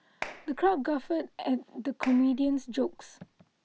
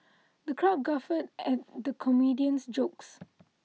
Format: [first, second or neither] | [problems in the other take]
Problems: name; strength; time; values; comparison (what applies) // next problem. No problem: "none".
second | background sound (Clapping); 14 dB below the speech